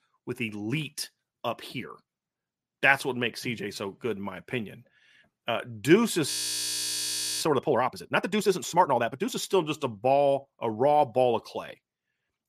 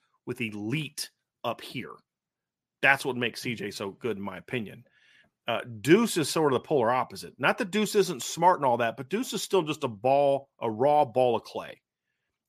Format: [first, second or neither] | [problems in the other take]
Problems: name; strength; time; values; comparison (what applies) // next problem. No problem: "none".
second | audio freezing; at 6.5 s for 1 s